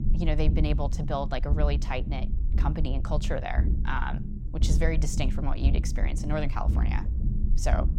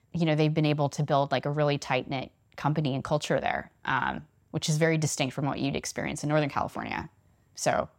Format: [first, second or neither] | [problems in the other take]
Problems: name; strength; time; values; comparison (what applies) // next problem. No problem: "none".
second | low rumble; noticeable; throughout; 10 dB below the speech